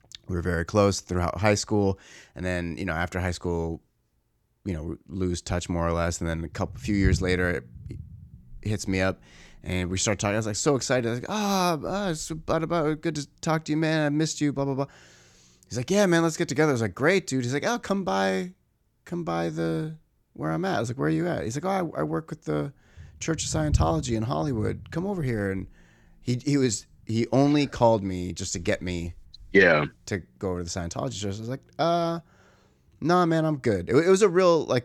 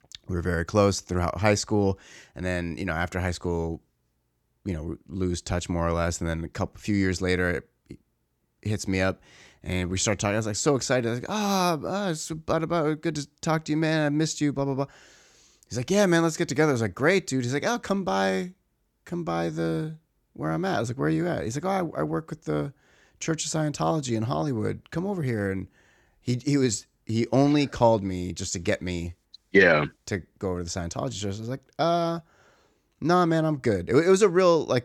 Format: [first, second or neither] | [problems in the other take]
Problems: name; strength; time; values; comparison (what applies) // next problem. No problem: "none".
second | low rumble; faint; throughout; 20 dB below the speech